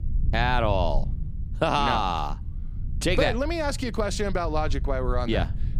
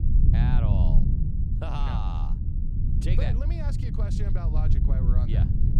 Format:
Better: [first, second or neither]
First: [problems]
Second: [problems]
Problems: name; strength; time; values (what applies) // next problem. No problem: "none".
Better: first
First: low rumble; faint; throughout; 20 dB below the speech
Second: low rumble; loud; throughout; as loud as the speech